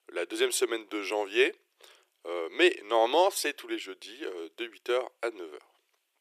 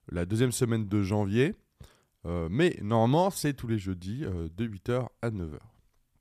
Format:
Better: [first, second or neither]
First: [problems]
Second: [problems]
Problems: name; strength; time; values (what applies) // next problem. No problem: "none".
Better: second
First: thin; very; fading below 350 Hz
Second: none